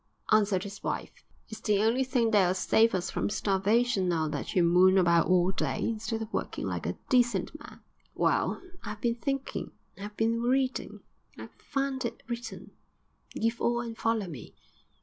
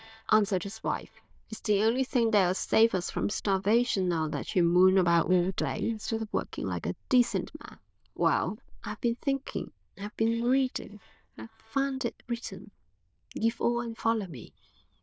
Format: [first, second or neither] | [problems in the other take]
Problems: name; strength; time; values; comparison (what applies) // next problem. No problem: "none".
first | noise reduction (neural diffusion model UNIVERSE++)